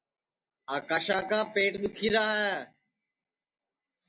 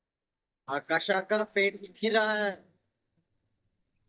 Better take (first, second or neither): first